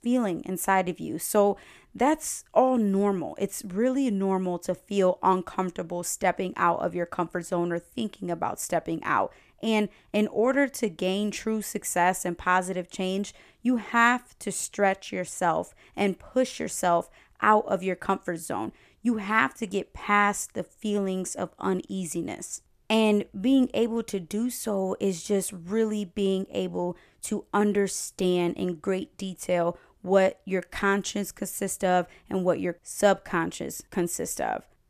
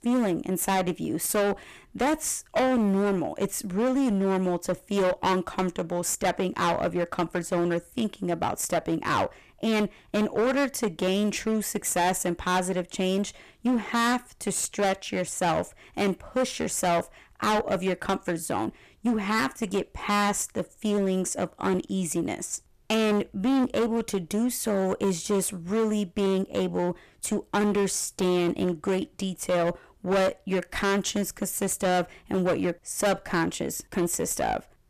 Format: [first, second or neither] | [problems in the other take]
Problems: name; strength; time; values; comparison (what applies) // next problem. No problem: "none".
first | distortion; heavy; 15% of the sound clipped